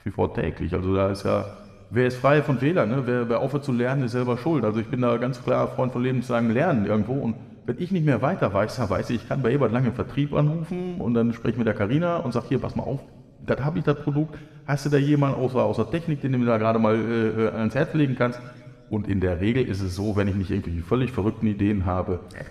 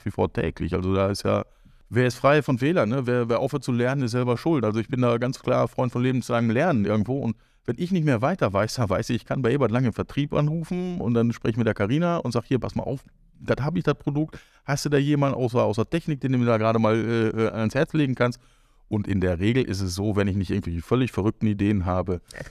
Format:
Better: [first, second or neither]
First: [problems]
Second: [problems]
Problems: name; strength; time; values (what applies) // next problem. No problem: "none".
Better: second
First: room echo; slight; dies away in 1.6 s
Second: none